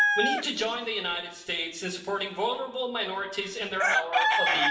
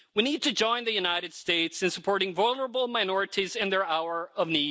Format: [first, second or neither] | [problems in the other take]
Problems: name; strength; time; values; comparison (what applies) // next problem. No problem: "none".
second | background sound (Chicken, rooster); 2 dB above the speech // room echo; dies away in 0.9 s